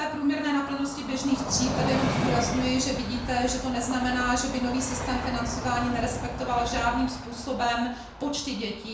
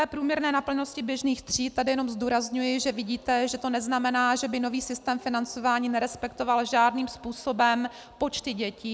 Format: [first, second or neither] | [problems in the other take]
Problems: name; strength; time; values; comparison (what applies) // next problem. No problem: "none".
second | background sound (Train); 5 dB below the speech // room echo; dies away in 0.5 s